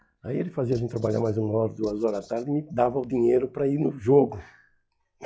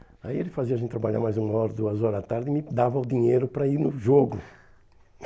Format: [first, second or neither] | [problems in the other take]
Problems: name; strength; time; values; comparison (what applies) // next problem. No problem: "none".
second | noise reduction (classical method log-MMSE)